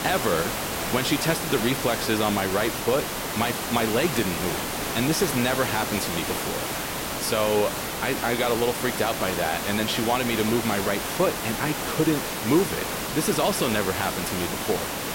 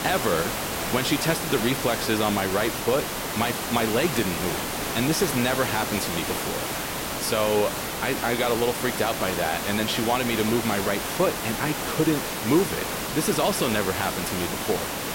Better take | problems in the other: neither | hiss; loud; throughout; 2 dB below the speech; the same in both

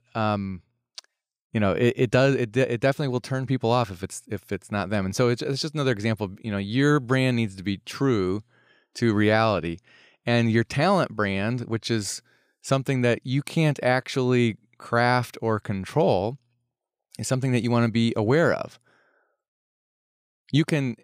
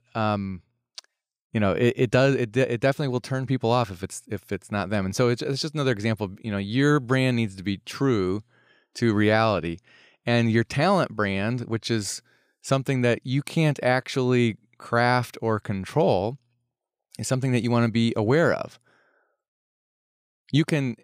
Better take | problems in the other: neither | none

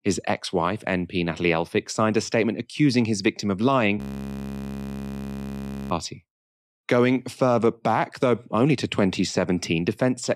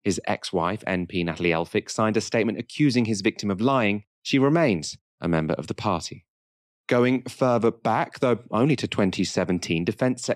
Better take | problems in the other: second | audio freezing; at 4 s for 2 s

